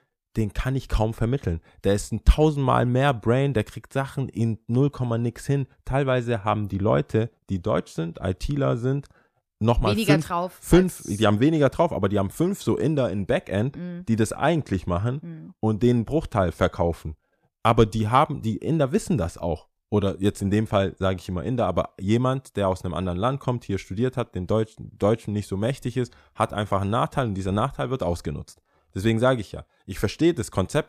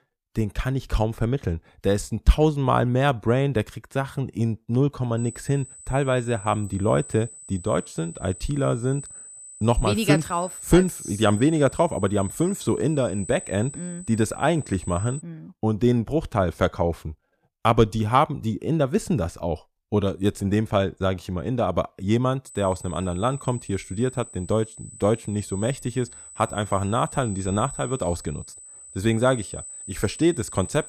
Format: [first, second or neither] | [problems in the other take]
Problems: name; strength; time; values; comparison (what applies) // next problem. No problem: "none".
first | high-pitched whine; noticeable; from 5 to 15 s and from 22 s on; 8 kHz, 15 dB below the speech